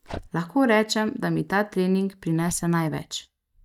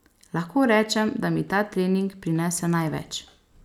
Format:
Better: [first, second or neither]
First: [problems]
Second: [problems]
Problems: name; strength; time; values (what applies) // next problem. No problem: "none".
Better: second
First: noise reduction (neural mask model DeepFilterNet 3)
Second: none